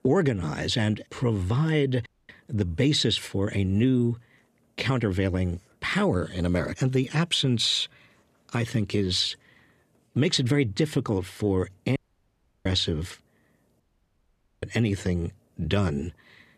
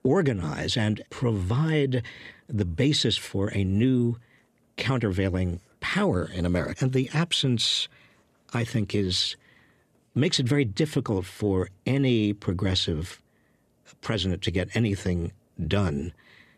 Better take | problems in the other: second | audio cutting out; at 2 s, at 12 s for 0.5 s and at 14 s for 1 s

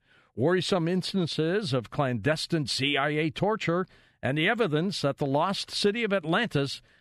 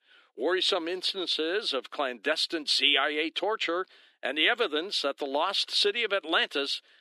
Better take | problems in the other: first | thin; somewhat; fading below 300 Hz

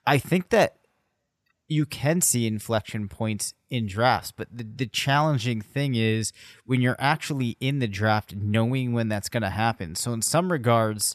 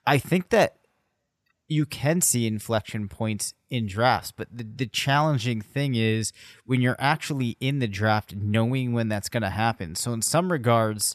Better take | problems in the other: neither | none

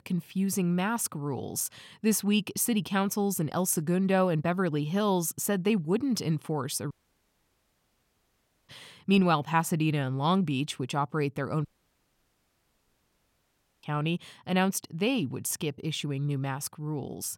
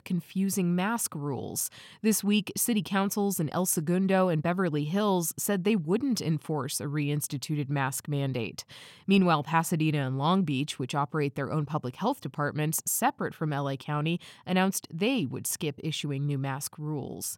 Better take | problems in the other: second | audio cutting out; at 7 s for 2 s and at 12 s for 2 s

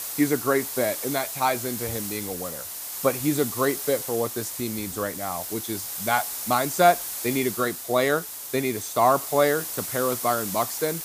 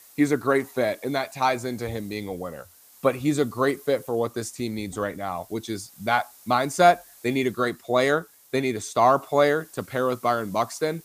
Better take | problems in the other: second | hiss; loud; throughout; 5 dB below the speech; faint in the second

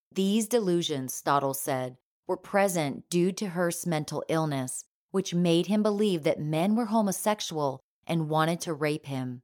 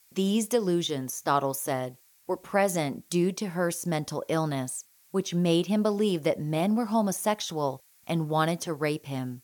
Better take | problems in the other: first | hiss; faint; throughout; 30 dB below the speech

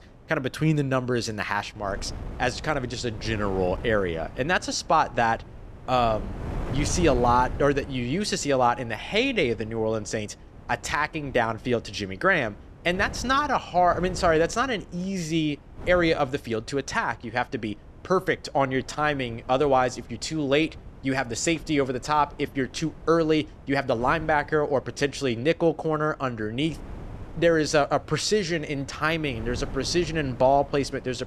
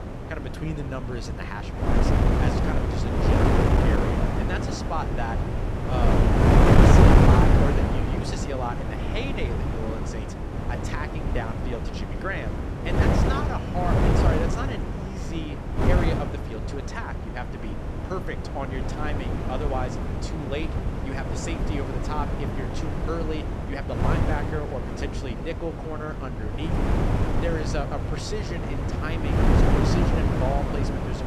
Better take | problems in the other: first | wind noise on the microphone; heavy; 4 dB above the speech; occasional gusts in the first

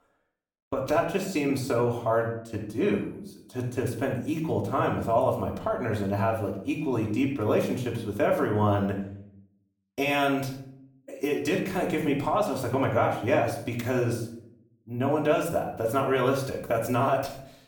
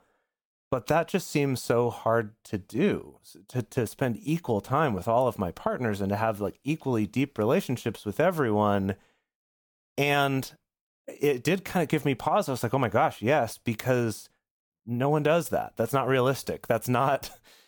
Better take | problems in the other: second | room echo; slight; dies away in 0.6 s // off-mic speech; far

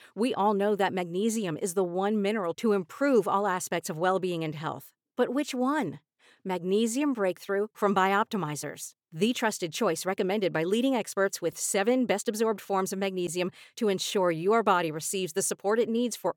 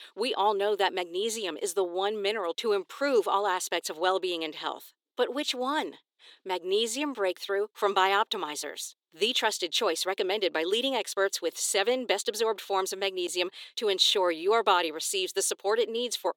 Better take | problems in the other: first | thin; somewhat; fading below 350 Hz

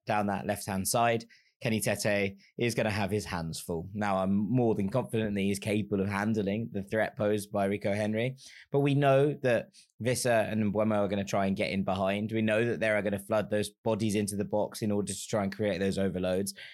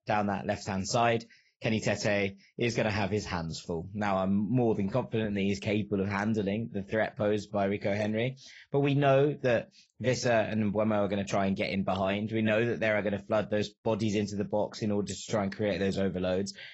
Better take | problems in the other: first | garbled, watery; badly; nothing above 7.5 kHz

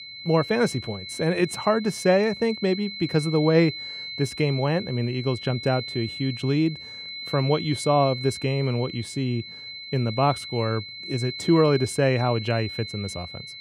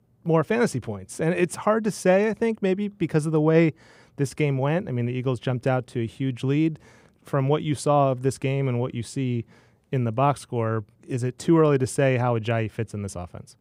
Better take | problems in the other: second | high-pitched whine; loud; throughout; 4 kHz, 10 dB below the speech

